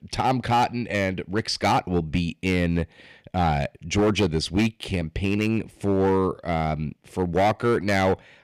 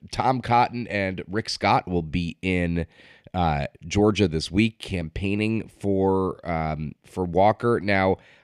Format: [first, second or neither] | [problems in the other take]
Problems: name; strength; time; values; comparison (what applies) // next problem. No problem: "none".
second | distortion; slight; 7% of the sound clipped